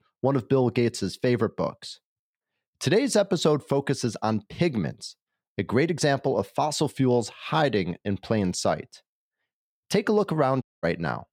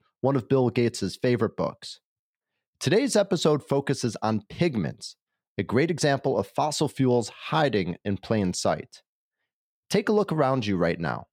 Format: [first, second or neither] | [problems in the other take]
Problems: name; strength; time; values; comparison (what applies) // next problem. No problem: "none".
second | audio cutting out; at 11 s